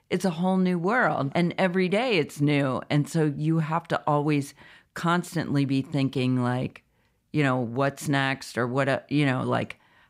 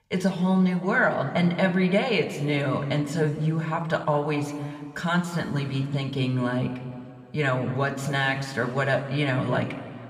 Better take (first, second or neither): first